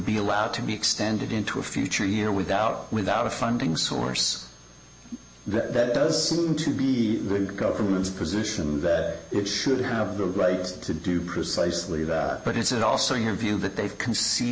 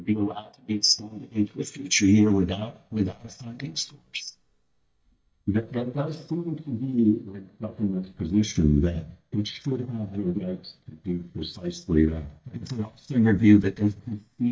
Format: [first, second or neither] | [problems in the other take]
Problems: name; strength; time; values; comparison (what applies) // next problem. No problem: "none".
first | noise reduction (neural mask model DeepFilterNet 3)